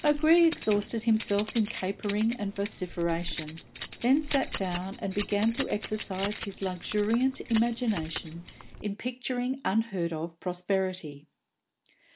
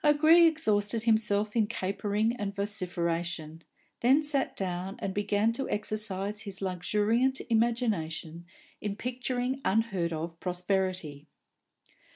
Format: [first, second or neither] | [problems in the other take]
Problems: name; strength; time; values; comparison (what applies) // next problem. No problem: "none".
second | background sound (Keys jangling); 13 dB below the speech